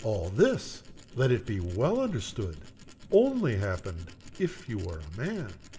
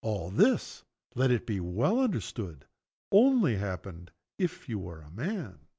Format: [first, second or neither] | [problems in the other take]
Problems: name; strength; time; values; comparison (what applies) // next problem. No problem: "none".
second | background sound (Tools); 18 dB below the speech // room echo; dies away in 0.5 s